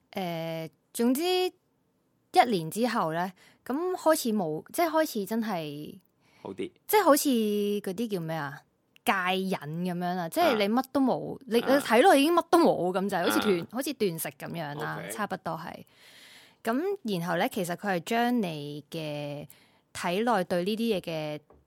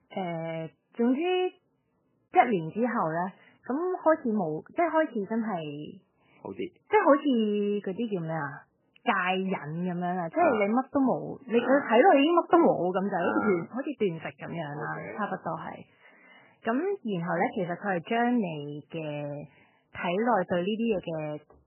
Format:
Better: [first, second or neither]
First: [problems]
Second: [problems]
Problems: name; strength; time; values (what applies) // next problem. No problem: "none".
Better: first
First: none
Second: garbled, watery; badly; nothing above 3 kHz